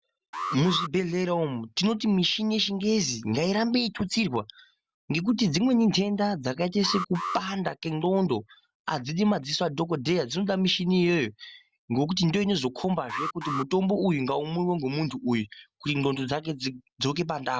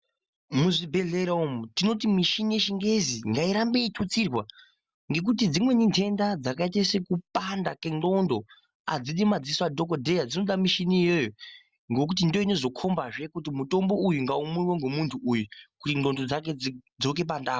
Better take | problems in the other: second | background sound (Alarm); 10 dB below the speech

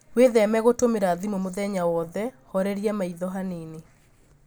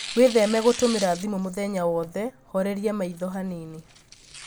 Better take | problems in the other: first | background sound (Tearing); 15 dB below the speech

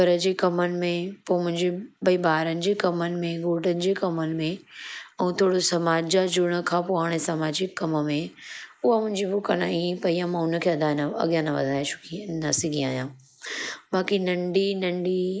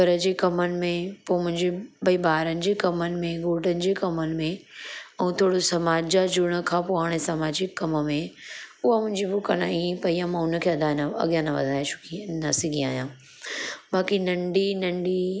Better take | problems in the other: second | noise reduction (neural mask model Resemble Enhance denoiser)

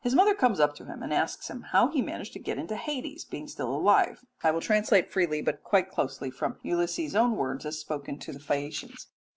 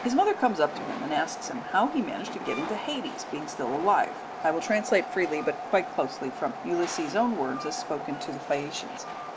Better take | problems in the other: first | background sound (Train); 8 dB below the speech

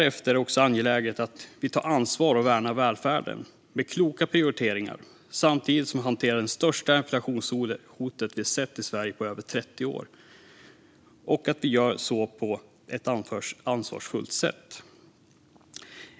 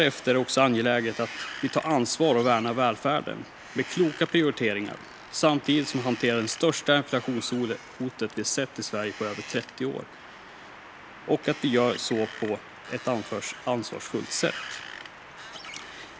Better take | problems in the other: first | background sound (Wind); 15 dB below the speech

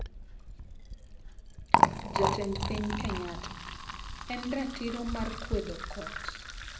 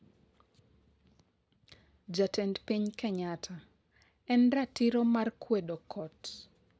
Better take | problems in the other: second | background sound (Liquid); 4 dB above the speech // room echo; dies away in 0.5 s

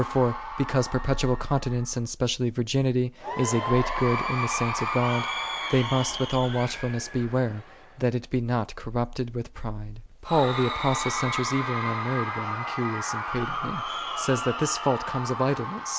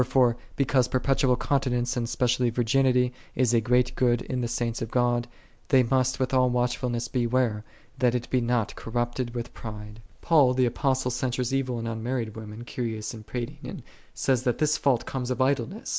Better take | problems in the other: second | background sound (Crowd / Cheering); 6 dB below the speech

